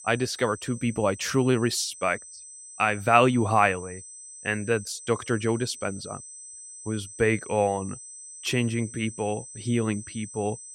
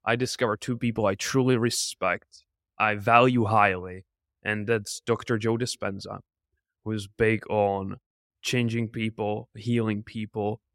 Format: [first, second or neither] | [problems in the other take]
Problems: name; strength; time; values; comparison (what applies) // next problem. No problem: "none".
second | high-pitched whine; noticeable; throughout; 8 kHz, 15 dB below the speech